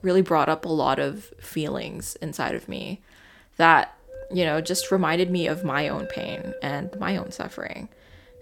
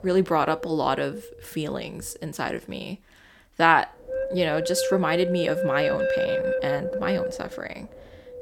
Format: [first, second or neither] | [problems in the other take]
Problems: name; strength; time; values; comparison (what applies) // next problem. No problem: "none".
first | wind noise on the microphone; heavy; until 2.5 s and from 4 s on; 2 dB below the speech; occasional gusts in the first